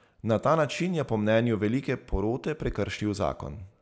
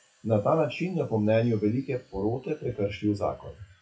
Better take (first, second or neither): first